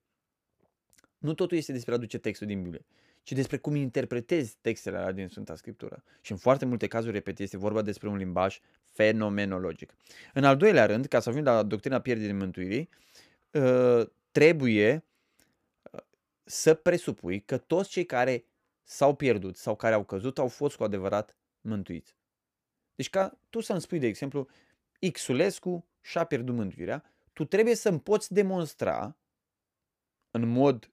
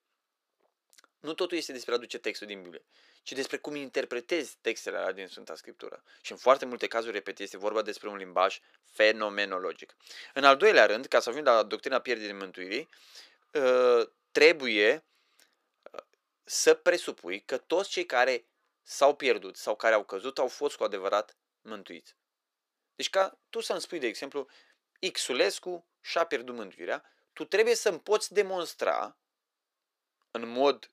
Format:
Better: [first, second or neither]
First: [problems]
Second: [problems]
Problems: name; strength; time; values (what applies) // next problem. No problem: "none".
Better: first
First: none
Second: thin; somewhat; fading below 400 Hz